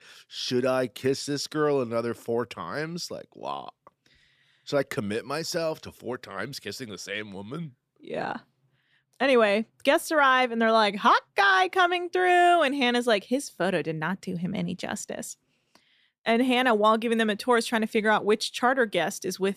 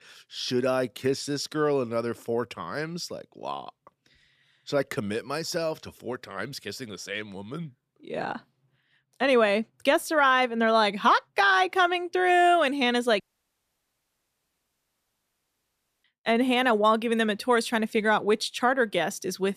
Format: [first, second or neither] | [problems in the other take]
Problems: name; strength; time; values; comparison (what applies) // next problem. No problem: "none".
first | audio cutting out; at 13 s for 3 s